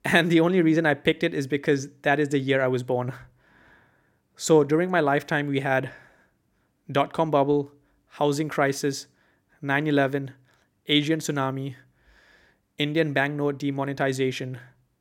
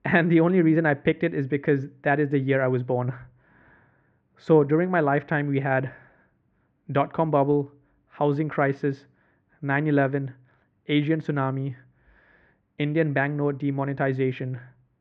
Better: first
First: none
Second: muffled; very; fading above 2.5 kHz

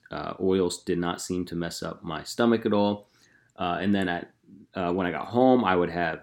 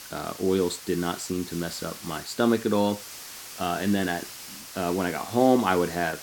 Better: first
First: none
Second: hiss; noticeable; throughout; 10 dB below the speech

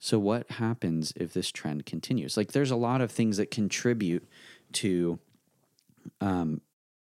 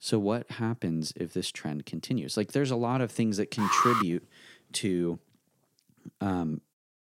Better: first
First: none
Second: alarm; loud; at 3.5 s; peak 6 dB above the speech

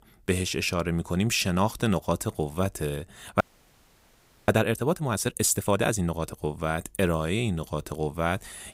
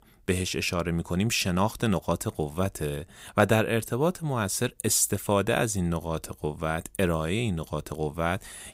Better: second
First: audio freezing; at 3.5 s for 1 s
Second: none

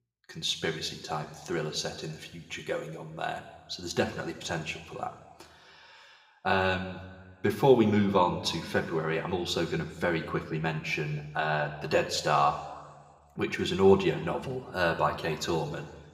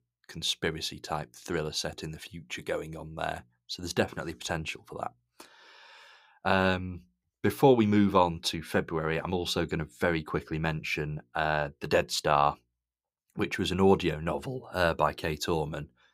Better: second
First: room echo; slight; dies away in 1.5 s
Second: none

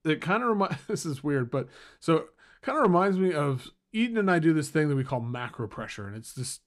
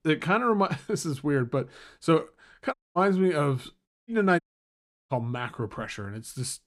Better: first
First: none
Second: audio cutting out; at 2.5 s, at 4 s and at 4.5 s for 0.5 s

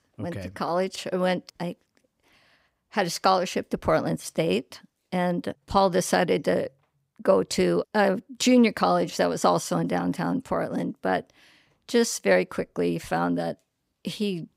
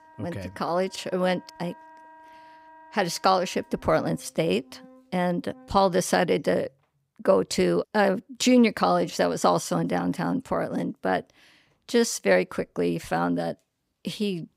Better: first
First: none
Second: background music; faint; until 5.5 s; 25 dB below the speech

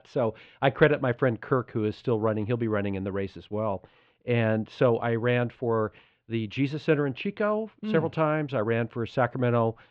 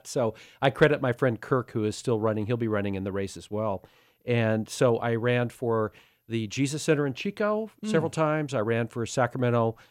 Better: second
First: muffled; very; fading above 3.5 kHz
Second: none

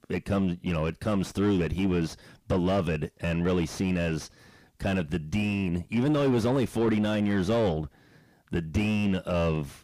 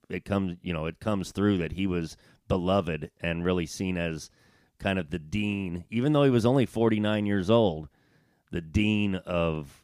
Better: second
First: distortion; heavy; 6 dB below the speech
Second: none

